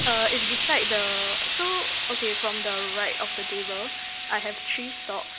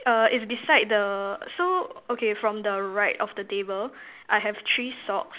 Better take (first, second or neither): second